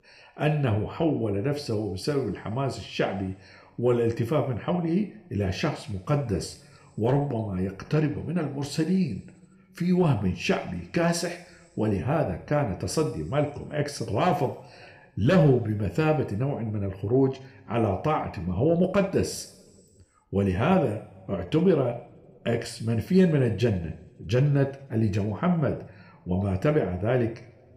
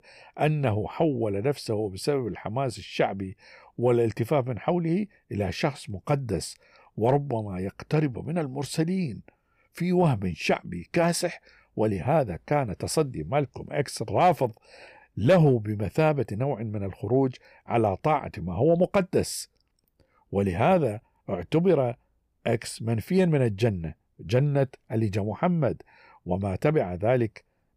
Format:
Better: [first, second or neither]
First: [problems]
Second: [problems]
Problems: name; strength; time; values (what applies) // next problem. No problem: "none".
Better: second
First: room echo; slight; dies away in 0.9 s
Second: none